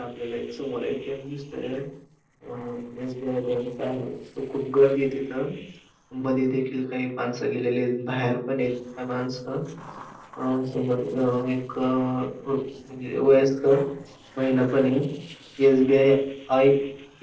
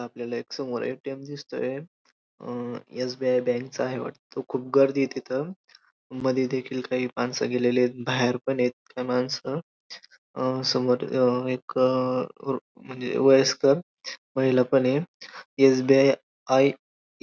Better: second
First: noise reduction (neural separator model SepFormer DNS4)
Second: none

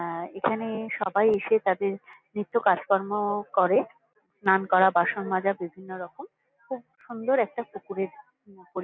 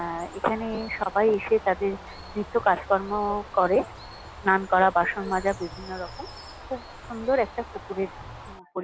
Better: first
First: none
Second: background sound (Bird); 16 dB below the speech

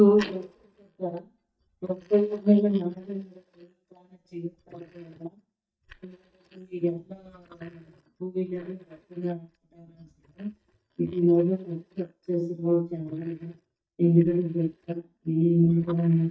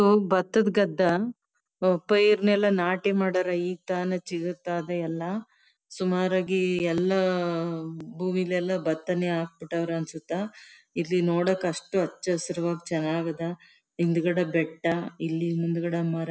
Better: second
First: noise reduction (neural mask model DeepFilterNet 3)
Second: none

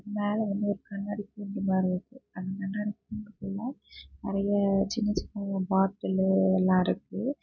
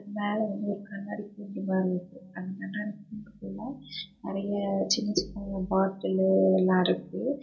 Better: first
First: none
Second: room echo; dies away in 0.2 s

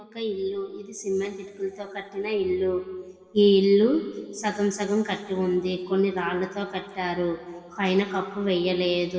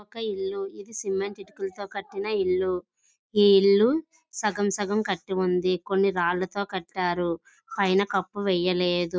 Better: second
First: room echo; dies away in 2.1 s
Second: none

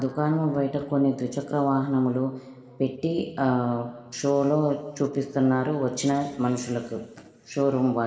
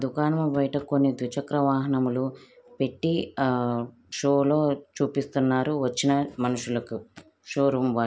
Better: second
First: room echo; dies away in 2.1 s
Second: none

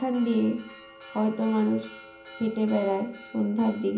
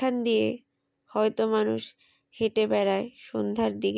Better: second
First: background sound (Church bell); 19 dB below the speech // room echo; dies away in 0.5 s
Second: none

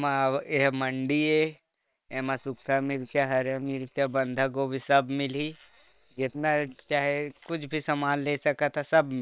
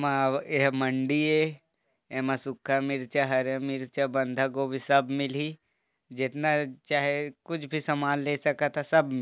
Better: second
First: noise reduction (neural separator model SepFormer WHAM!)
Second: none

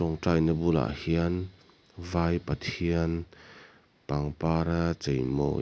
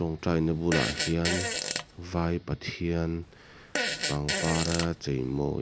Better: first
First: none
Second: background sound (Fart); 3 dB below the speech

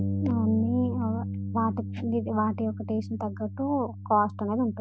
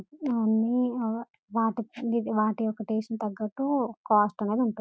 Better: second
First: background sound (Bass guitar); 5 dB below the speech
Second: none

